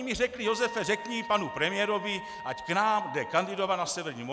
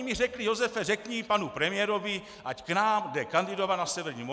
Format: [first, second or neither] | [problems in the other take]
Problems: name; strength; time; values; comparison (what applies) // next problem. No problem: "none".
second | background sound (Trumpet); 12 dB below the speech